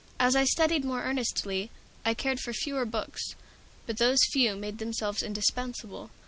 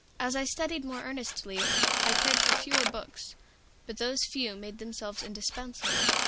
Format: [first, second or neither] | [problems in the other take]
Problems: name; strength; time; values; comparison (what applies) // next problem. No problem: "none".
first | background sound (Drill); 3 dB above the speech